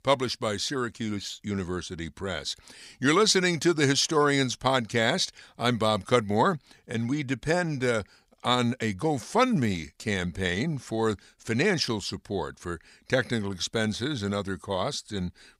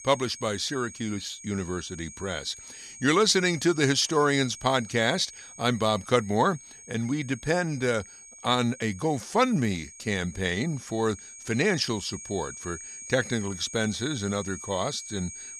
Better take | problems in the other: first | high-pitched whine; noticeable; throughout; 6.5 kHz, 15 dB below the speech

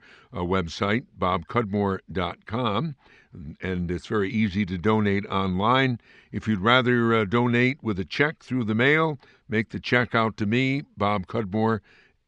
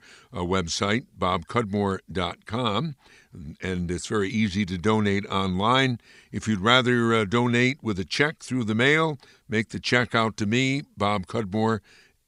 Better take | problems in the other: second | muffled; slightly; fading above 3 kHz

